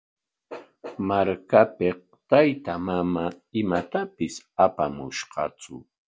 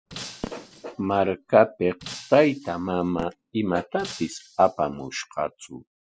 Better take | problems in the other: first | noise reduction (classical method spectral subtraction)

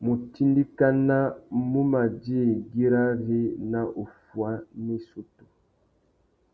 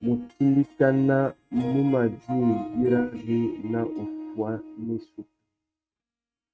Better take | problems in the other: first | noise reduction (neural mask model RNNoise)

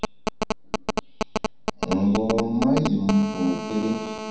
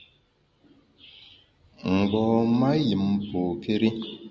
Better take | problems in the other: second | background sound (Telephone); 5 dB below the speech // room echo; dies away in 0.7 s

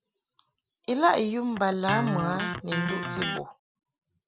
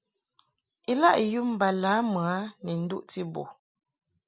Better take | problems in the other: second | background sound (Electric guitar); 4 dB below the speech

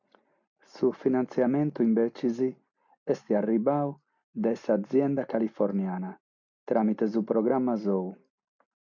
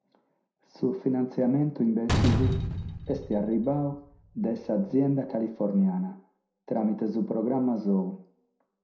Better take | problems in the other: first | background sound (Slam); 3 dB below the speech // room echo; dies away in 0.5 s

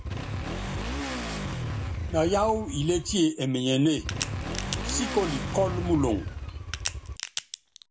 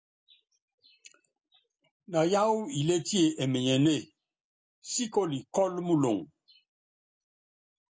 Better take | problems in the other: second | background sound (Motorcycle / Accelerating, revving, vroom + Crack); 4 dB below the speech

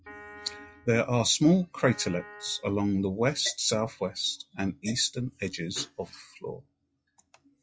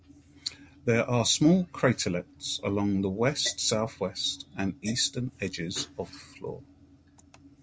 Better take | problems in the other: second | noise reduction (classical method log-MMSE)

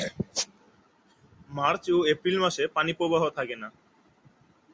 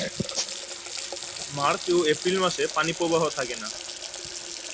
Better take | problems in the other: first | background sound (Water tap, faucet); 7 dB below the speech

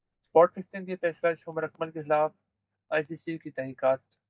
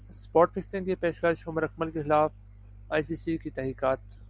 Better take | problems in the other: second | noise reduction (neural mask model DeepFilterNet 3)

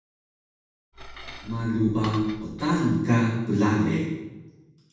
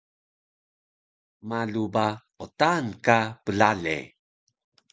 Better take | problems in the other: second | background sound (Cutlery, silverware / Dishes, pots, and pans); 15 dB below the speech // room echo; dies away in 1.2 s

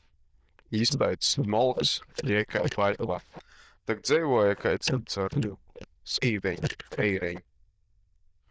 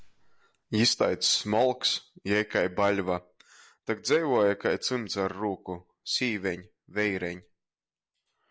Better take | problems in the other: second | noise reduction (neural diffusion model UNIVERSE++)

